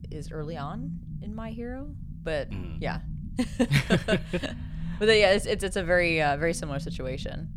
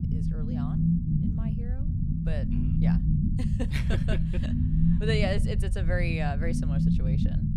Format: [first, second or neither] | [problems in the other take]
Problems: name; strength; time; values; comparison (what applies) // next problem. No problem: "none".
first | low rumble; loud; throughout; 2 dB below the speech; faint in the first